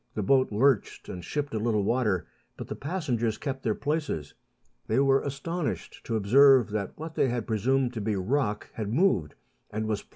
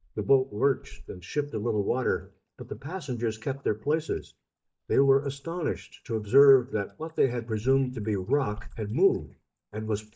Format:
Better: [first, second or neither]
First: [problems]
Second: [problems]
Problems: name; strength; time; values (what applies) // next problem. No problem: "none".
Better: first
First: none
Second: noise reduction (neural mask model DeepFilterNet 3)